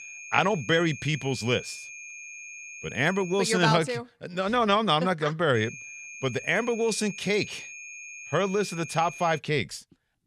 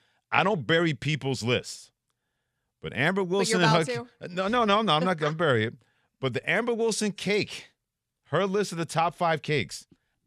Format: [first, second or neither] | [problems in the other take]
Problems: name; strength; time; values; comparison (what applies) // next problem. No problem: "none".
second | high-pitched whine; noticeable; until 3.5 s and from 5.5 to 9.5 s; 2.5 kHz, 15 dB below the speech